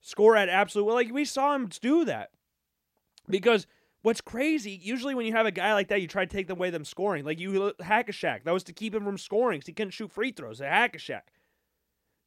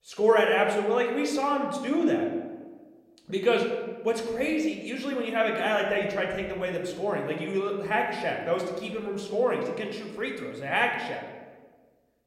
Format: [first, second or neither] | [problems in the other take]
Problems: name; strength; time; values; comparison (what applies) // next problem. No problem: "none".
first | room echo; slight; dies away in 1.1 s // off-mic speech; somewhat distant